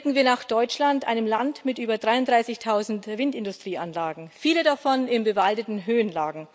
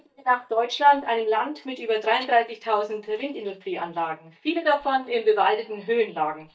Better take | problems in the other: first | noise reduction (neural mask model DeepFilterNet 3)

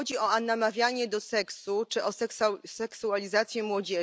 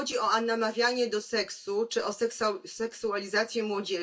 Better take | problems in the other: first | room echo; dies away in 0.2 s

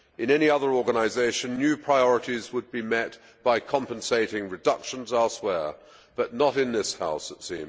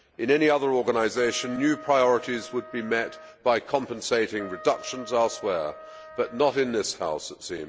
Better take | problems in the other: first | background sound (Trumpet); 18 dB below the speech

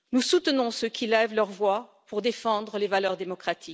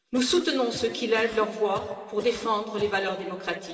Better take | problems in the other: first | background sound (Cough); 16 dB below the speech // room echo; dies away in 2.5 s

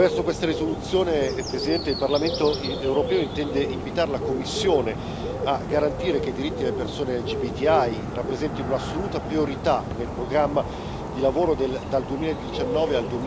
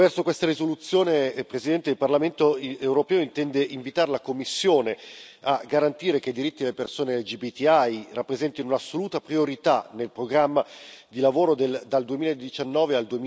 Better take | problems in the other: second | background sound (Bird); 4 dB below the speech

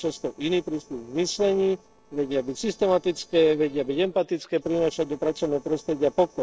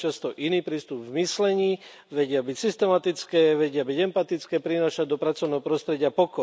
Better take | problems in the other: second | noise reduction (neural separator model SepFormer DNS4)

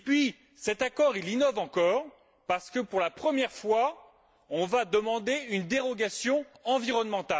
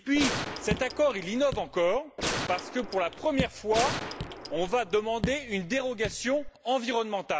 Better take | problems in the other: first | background sound (Raindrop / Drip + Gunshot, gunfire); 6 dB below the speech

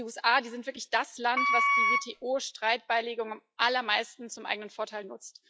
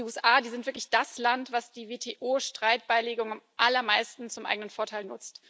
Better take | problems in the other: second | noise reduction (classical method log-MMSE)

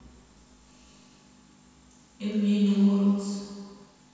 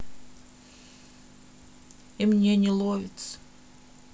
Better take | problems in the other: second | room echo; dies away in 2.1 s

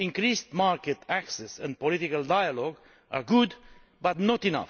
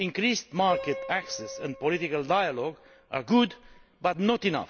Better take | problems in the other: first | background sound (Piano); 14 dB below the speech

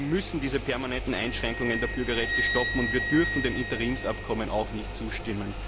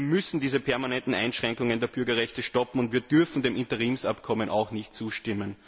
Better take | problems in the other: second | background sound (Wind instrument, woodwind instrument + Engine); 3 dB below the speech

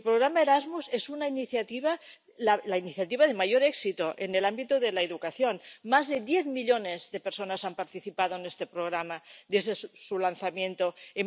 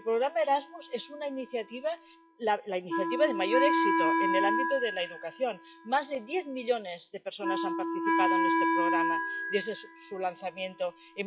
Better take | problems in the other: first | noise reduction (classical method log-MMSE)

